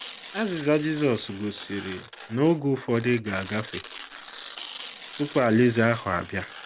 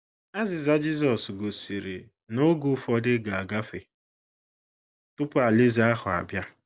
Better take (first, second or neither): second